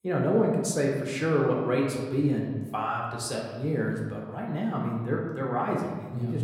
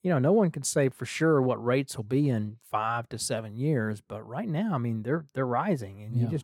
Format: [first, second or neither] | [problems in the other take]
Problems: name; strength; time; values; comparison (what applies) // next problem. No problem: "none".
second | room echo; noticeable; dies away in 1.1 s // off-mic speech; somewhat distant